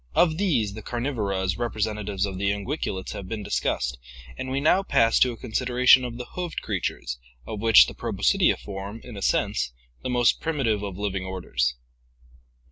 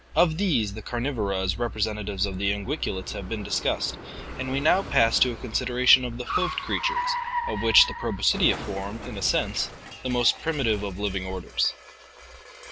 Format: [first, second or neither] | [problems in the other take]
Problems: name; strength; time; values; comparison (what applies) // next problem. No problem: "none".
first | background sound (Car); 10 dB below the speech